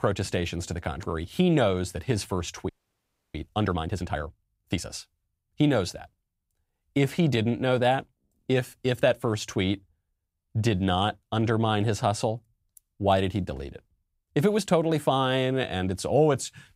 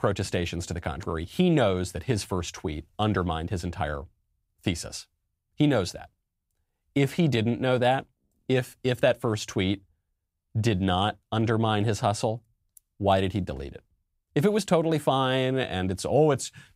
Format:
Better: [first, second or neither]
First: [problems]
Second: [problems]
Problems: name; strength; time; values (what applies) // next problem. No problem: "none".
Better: second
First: audio freezing; at 2.5 s for 0.5 s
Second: none